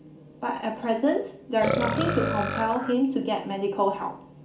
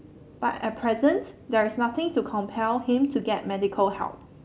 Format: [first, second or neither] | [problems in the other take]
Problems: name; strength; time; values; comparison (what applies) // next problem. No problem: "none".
second | background sound (Burping, eructation); 4 dB below the speech // room echo; dies away in 0.4 s